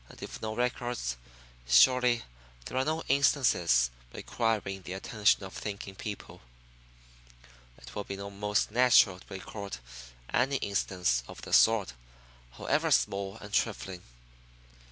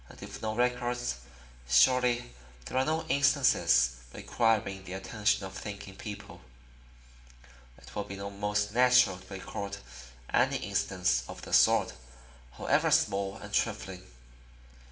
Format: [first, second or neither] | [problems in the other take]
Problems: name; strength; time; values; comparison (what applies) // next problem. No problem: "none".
first | room echo; dies away in 1.6 s